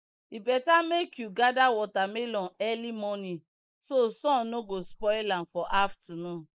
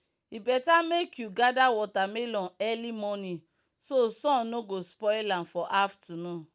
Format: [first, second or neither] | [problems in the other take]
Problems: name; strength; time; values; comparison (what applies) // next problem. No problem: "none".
second | noise reduction (neural mask model Resemble Enhance denoiser)